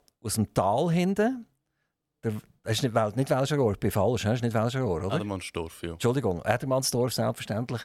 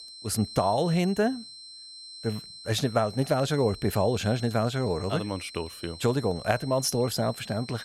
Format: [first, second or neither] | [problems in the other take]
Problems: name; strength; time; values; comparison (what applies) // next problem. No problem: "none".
first | high-pitched whine; noticeable; throughout; 4 kHz, 15 dB below the speech